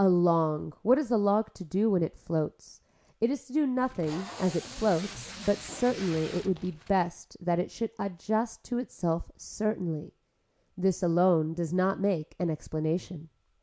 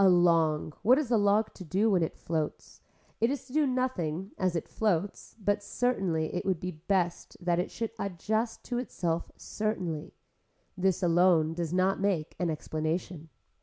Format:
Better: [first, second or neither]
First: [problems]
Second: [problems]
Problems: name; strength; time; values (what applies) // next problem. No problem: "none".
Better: second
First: background sound (Packing tape, duct tape); 15 dB below the speech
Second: none